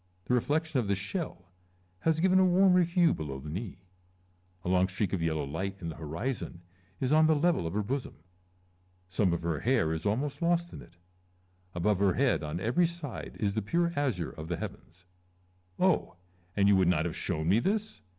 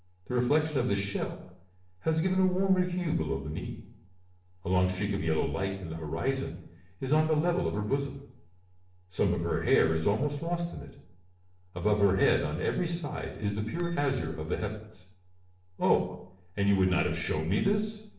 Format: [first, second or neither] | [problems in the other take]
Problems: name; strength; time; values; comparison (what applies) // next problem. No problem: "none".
first | noise reduction (neural separator model SepFormer DNS4)